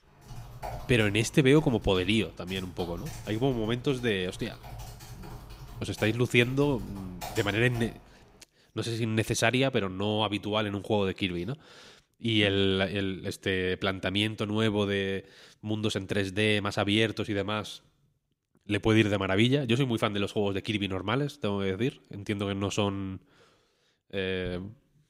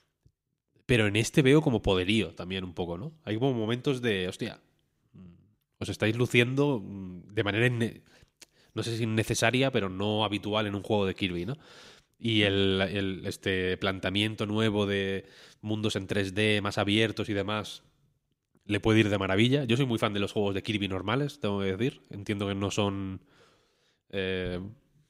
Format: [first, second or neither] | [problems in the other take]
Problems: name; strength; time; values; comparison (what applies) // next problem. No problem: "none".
second | keyboard typing; faint; until 8 s; peak 10 dB below the speech